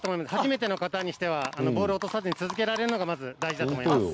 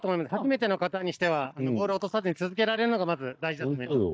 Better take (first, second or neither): first